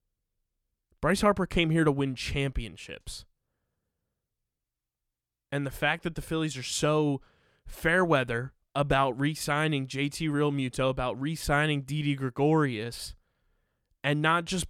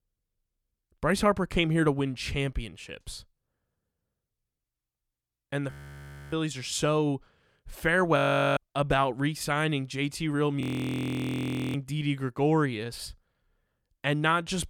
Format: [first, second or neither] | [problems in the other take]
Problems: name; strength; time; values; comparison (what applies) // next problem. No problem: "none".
first | audio freezing; at 5.5 s for 0.5 s, at 8 s and at 11 s for 1 s